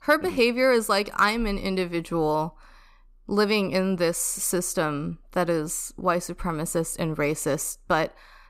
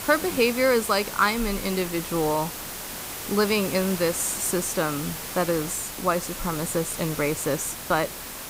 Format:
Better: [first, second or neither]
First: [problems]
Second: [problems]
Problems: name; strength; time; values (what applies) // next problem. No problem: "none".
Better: first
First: none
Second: hiss; loud; throughout; 7 dB below the speech